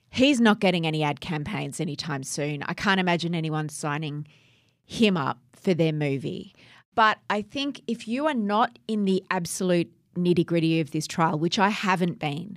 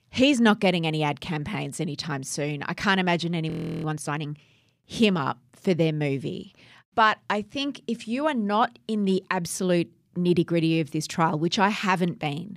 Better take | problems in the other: first | audio freezing; at 3.5 s

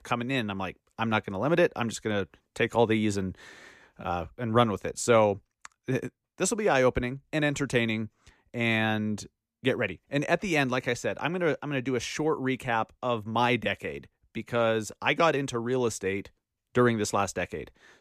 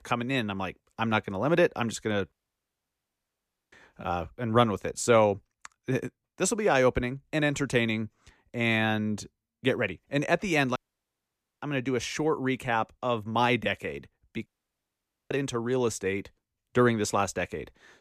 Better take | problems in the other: first | audio cutting out; at 2.5 s for 1.5 s, at 11 s for 1 s and at 14 s for 1 s

